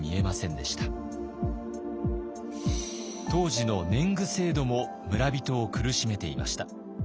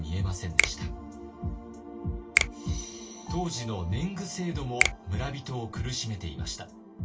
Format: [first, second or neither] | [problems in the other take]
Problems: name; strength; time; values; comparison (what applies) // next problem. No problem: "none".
first | background sound (Finger snapping); 1 dB above the speech // room echo; dies away in 0.2 s